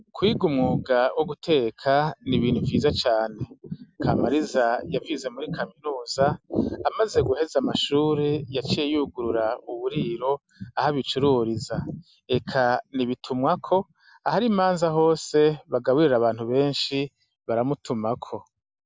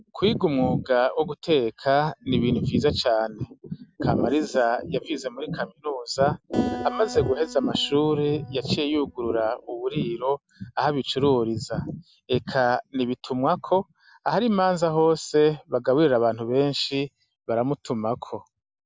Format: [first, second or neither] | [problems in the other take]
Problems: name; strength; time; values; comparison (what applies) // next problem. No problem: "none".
first | background sound (Acoustic guitar); 15 dB below the speech